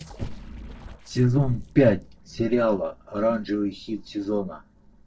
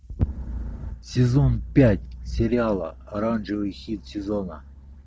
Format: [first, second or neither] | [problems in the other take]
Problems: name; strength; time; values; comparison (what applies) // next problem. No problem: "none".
second | noise reduction (neural separator model SepFormer DNS4)